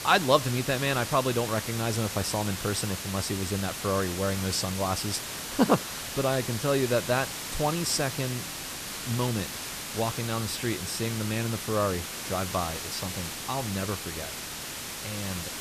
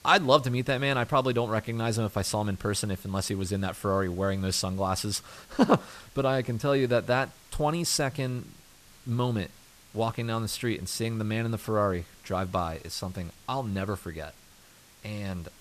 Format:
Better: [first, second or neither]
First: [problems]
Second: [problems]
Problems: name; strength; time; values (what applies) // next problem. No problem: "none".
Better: second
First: hiss; loud; throughout; 5 dB below the speech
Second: hiss; faint; throughout; 25 dB below the speech